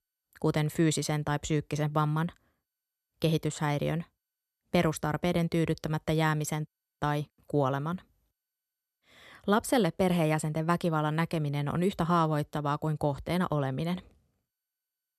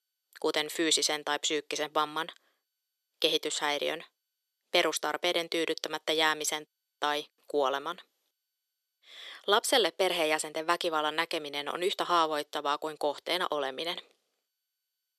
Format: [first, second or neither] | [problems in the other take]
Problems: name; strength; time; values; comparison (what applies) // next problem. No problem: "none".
first | thin; very; fading below 400 Hz